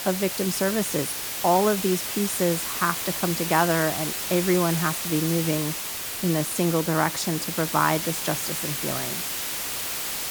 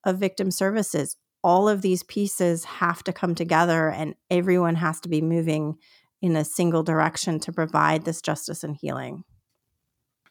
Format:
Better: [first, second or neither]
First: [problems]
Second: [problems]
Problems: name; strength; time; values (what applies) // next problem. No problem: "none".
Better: second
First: hiss; loud; throughout; 2 dB below the speech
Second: none